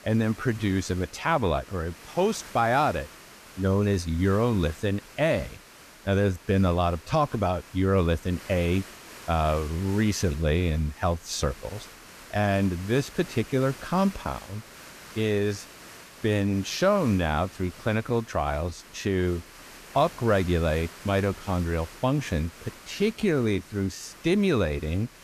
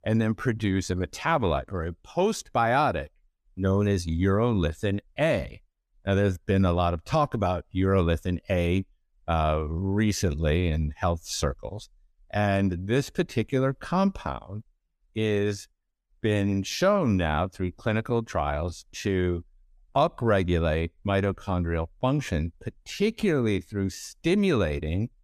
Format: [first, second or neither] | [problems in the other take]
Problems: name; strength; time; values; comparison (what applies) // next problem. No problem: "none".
second | hiss; noticeable; throughout; 20 dB below the speech